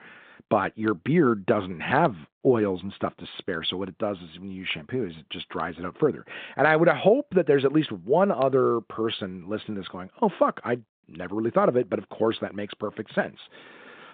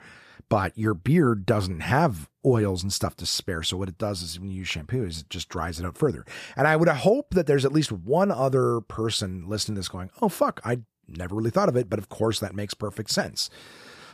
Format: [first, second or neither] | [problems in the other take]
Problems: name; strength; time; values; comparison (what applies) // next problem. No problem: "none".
second | phone-call audio; nothing above 3.5 kHz